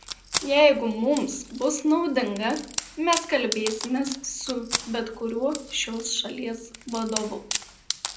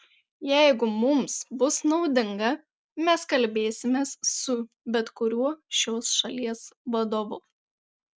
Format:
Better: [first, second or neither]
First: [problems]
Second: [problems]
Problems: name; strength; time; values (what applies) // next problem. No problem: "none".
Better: second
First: background sound (Wood); 9 dB below the speech // room echo; dies away in 0.5 s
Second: none